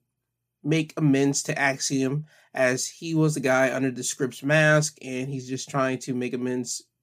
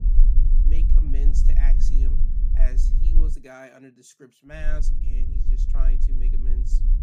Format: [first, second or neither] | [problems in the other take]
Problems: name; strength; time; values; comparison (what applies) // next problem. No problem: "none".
first | low rumble; loud; until 3.5 s and from 4.5 s on; 4 dB below the speech